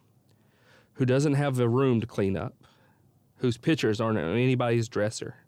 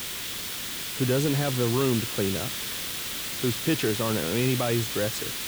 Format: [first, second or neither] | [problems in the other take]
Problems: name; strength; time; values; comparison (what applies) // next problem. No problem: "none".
first | hiss; loud; throughout; 3 dB below the speech